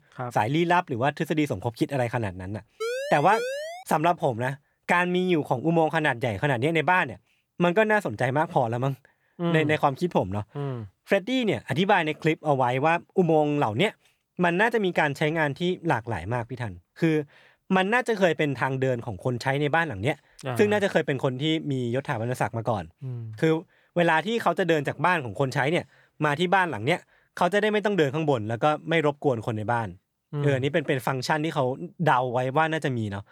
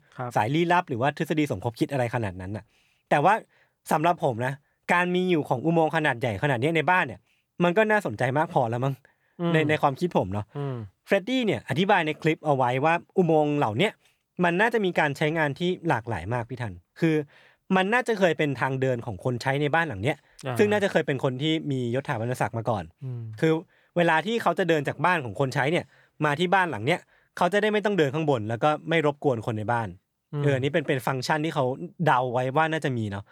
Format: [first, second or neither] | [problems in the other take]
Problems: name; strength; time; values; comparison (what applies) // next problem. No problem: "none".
second | siren; noticeable; from 3 to 4 s; peak 5 dB below the speech